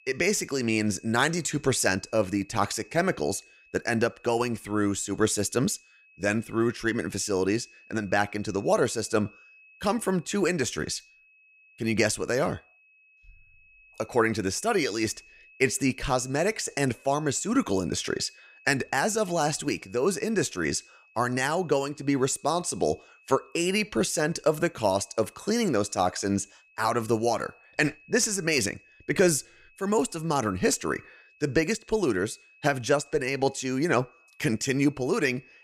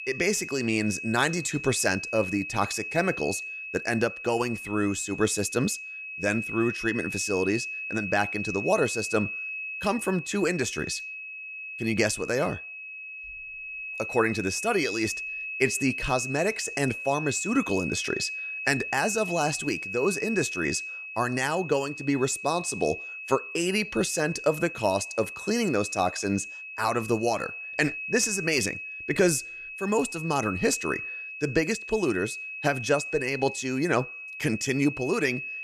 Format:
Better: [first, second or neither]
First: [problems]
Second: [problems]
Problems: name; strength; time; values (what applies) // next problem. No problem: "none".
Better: first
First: high-pitched whine; faint; throughout; 2.5 kHz, 30 dB below the speech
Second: high-pitched whine; loud; throughout; 2.5 kHz, 7 dB below the speech